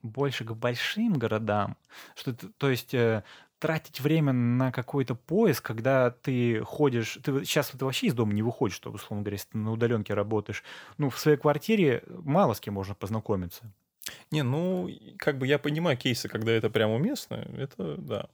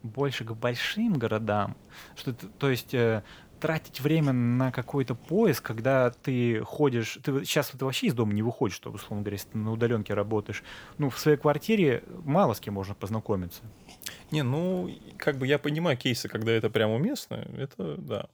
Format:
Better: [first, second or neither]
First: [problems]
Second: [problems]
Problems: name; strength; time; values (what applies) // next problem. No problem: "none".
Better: first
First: none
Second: hiss; faint; until 6 s and from 9 to 16 s; 25 dB below the speech